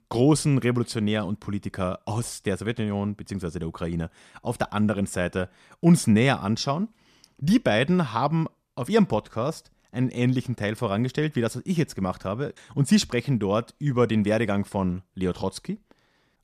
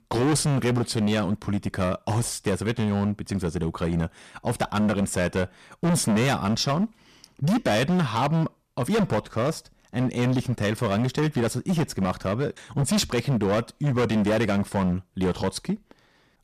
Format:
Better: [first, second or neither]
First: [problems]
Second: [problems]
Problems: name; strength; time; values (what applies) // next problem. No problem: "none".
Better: first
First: none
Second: distortion; heavy; 17% of the sound clipped